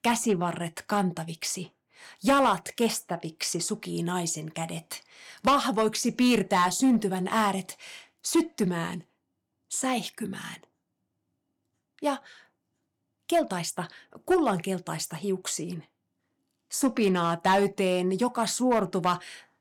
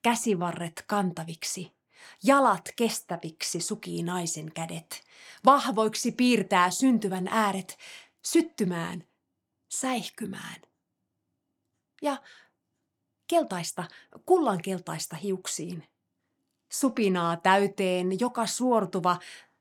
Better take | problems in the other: second | distortion; slight; 2% of the sound clipped

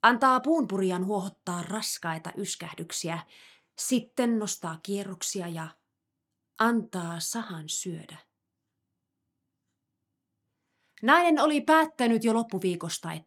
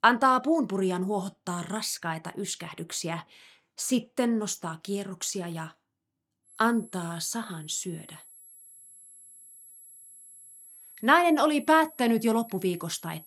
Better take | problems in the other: first | high-pitched whine; faint; from 6.5 s on; 11 kHz, 20 dB below the speech

